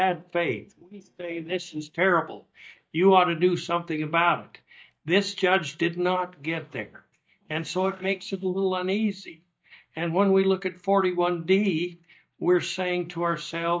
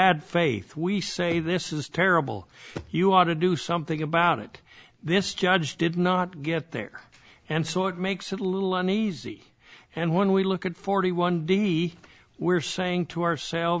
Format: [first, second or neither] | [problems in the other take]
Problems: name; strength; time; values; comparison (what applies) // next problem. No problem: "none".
second | noise reduction (neural mask model DeepFilterNet 3)